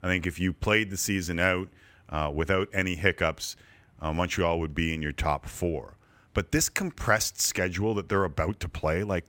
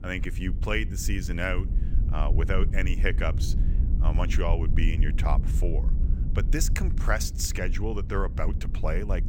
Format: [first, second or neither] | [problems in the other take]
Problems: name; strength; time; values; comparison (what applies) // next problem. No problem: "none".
first | low rumble; noticeable; throughout; 10 dB below the speech